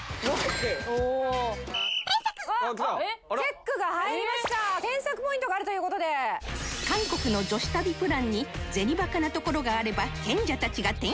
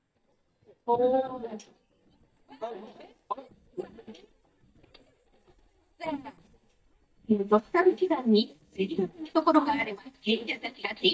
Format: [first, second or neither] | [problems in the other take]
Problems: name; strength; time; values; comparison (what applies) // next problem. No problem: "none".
first | noise reduction (neural mask model DeepFilterNet 3)